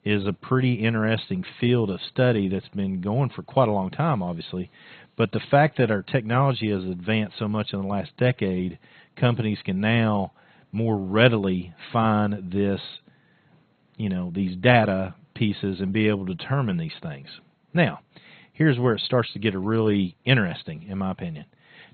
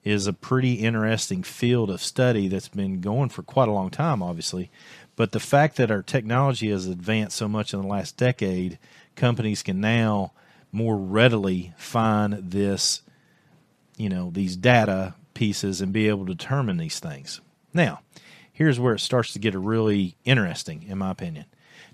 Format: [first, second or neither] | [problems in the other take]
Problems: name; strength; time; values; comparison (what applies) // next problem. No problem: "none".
second | garbled, watery; badly; nothing above 4 kHz